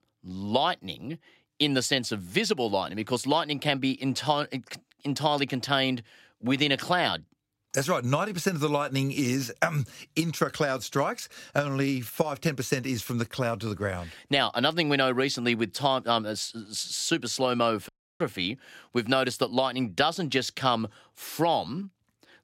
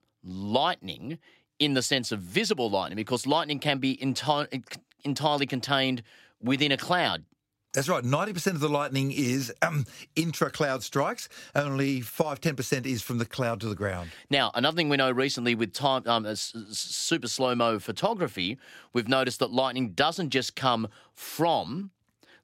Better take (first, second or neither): second